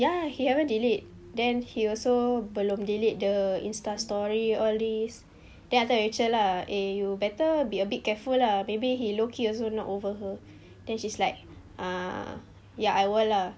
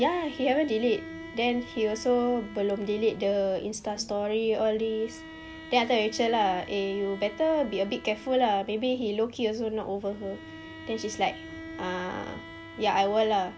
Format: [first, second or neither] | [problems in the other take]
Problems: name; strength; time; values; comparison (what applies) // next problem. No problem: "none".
first | background sound (Bowed string instrument); 17 dB below the speech